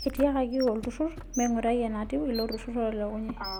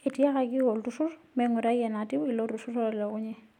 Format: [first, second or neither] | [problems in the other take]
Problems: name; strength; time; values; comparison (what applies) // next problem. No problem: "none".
second | background sound (Bird + Motor vehicle (road)); 11 dB below the speech